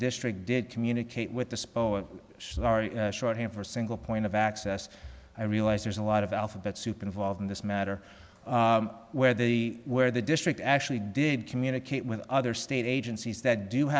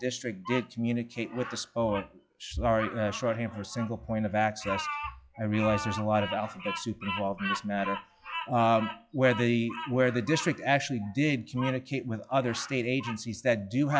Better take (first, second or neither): first